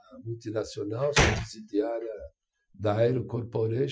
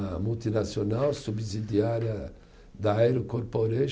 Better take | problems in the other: second | noise reduction (classical method Wiener filter)

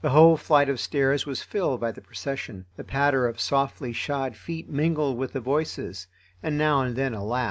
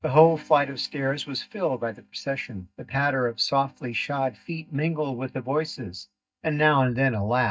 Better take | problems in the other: first | noise reduction (neural mask model DeepFilterNet 3)

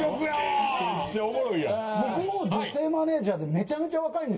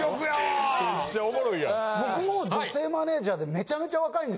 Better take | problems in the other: second | room echo; dies away in 0.2 s

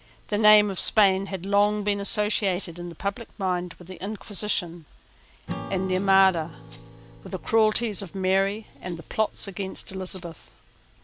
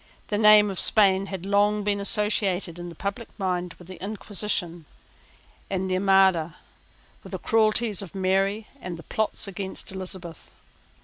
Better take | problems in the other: second | background sound (Rattle + Acoustic guitar / Strum); 18 dB below the speech

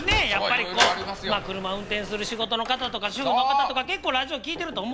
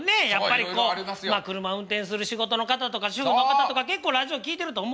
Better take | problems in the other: second | background sound (Sliding door); 7 dB below the speech

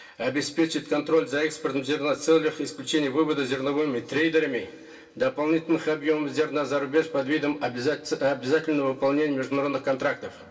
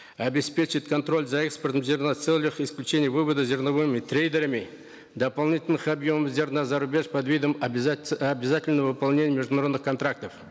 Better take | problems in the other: second | background sound (Cowbell); 17 dB below the speech // room echo; dies away in 0.2 s

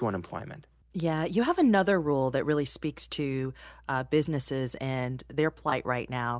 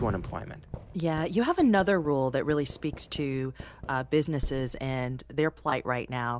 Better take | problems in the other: first | background sound (Fireworks); 14 dB below the speech

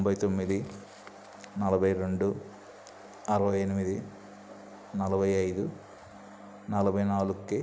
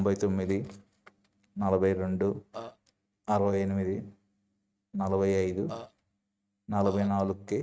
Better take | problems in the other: first | noise reduction (neural mask model RNNoise)

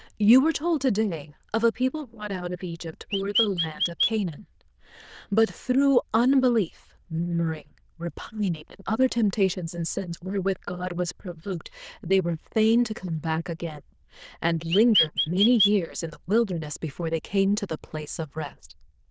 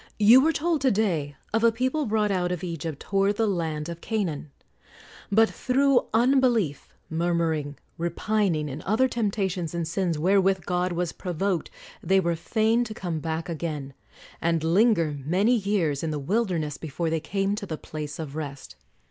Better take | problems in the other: second | noise reduction (neural diffusion model UNIVERSE++)

